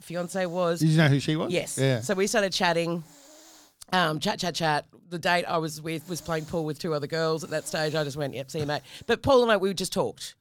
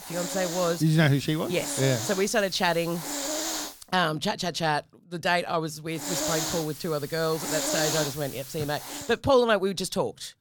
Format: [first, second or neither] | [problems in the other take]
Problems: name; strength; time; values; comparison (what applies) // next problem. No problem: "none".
first | hiss; loud; until 4 s and from 6 to 9 s; 5 dB below the speech; faint in the first